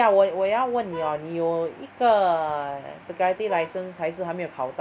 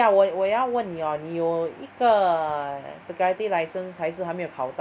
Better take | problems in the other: second | background sound (Vehicle horn, car horn, honking); 17 dB below the speech

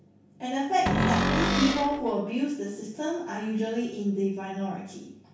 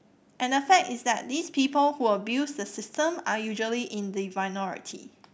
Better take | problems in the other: second | background sound (Cupboard open or close); 3 dB above the speech // room echo; dies away in 0.6 s

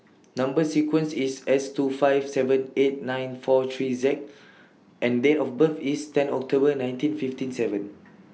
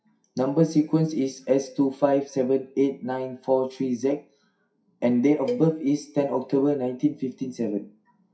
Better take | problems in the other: first | noise reduction (classical method WPE with log-MMSE)

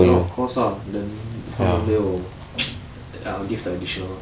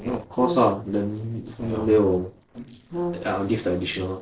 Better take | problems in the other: first | noise reduction (neural separator model SepFormer DNS4)

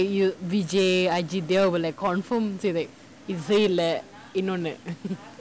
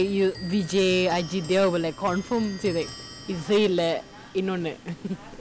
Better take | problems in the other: first | background sound (Clock); 18 dB below the speech

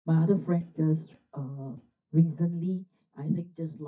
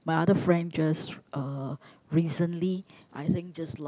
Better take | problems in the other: second | noise reduction (neural mask model DeepFilterNet 3)

